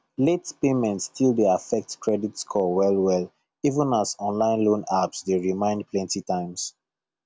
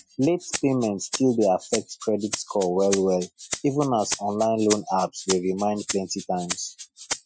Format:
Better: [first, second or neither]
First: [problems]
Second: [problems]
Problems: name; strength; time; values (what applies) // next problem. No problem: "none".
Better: first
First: none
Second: noise reduction (classical method Wiener filter)